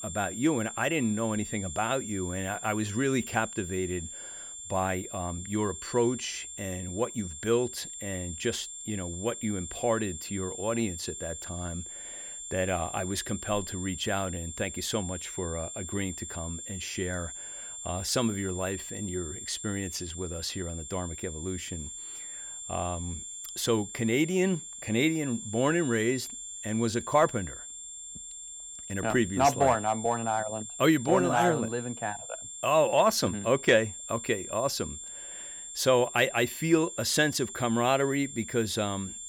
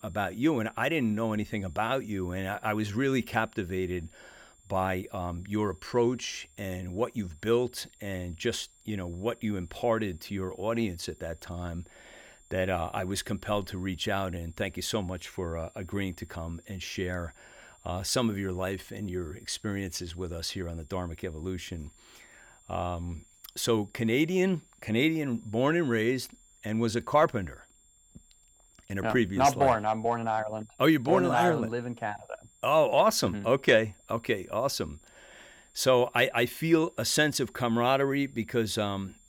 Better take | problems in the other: second | high-pitched whine; loud; throughout; 7.5 kHz, 9 dB below the speech; faint in the second

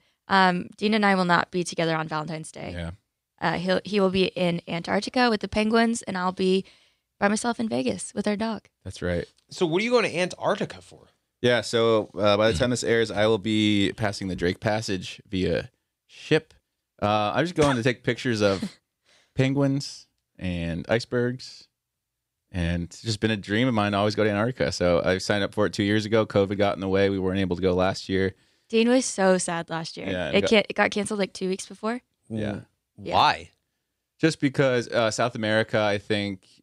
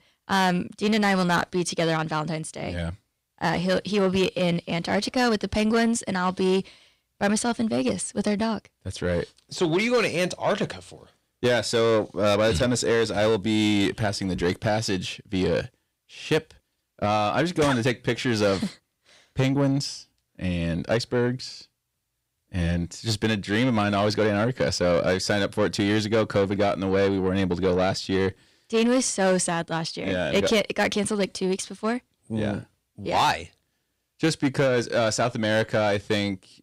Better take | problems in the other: first | distortion; slight; 10 dB below the speech

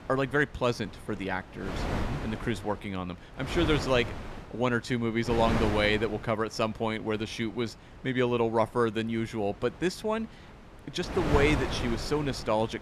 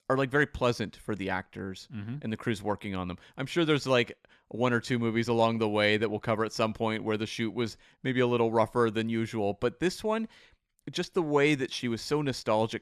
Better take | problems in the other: second | wind noise on the microphone; heavy; 7 dB below the speech

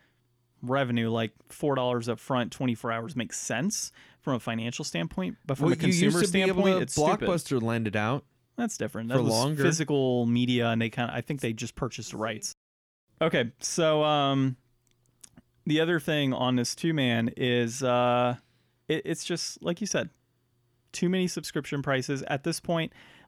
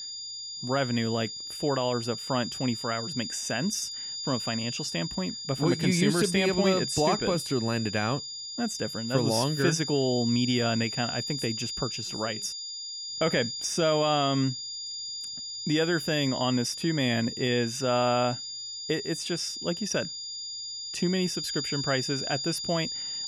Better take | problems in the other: first | high-pitched whine; loud; throughout; 5 kHz, 5 dB below the speech

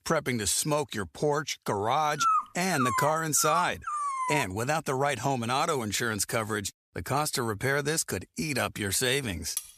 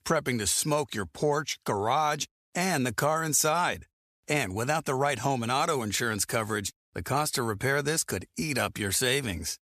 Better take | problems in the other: second | dog barking; loud; from 2 to 4.5 s; peak 2 dB above the speech // clattering dishes; noticeable; at 9.5 s; peak 8 dB below the speech

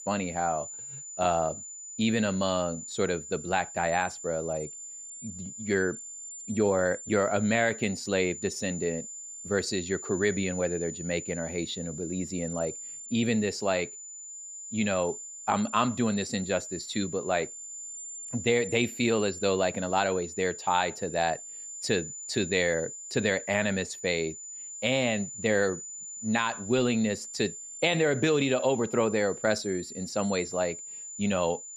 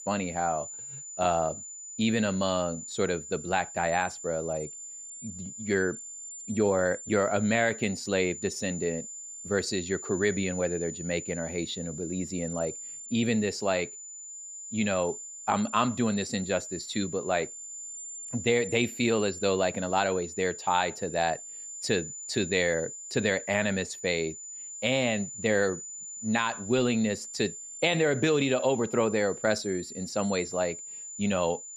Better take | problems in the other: neither | high-pitched whine; loud; throughout; 7 kHz, 10 dB below the speech; the same in both

